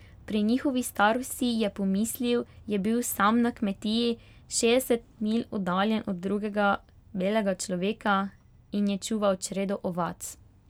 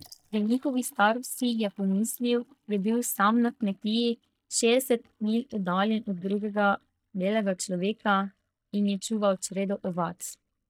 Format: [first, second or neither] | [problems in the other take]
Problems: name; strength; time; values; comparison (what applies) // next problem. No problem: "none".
first | noise reduction (neural mask model DeepFilterNet 3)